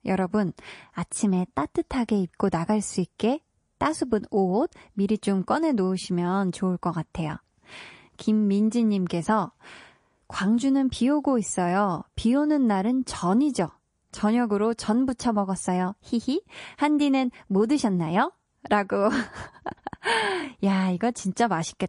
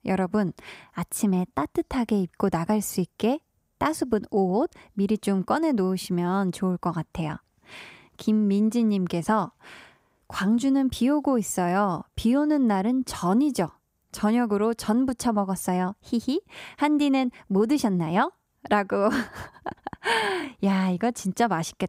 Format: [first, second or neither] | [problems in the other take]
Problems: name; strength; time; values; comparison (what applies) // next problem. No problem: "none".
second | garbled, watery; slightly; nothing above 10.5 kHz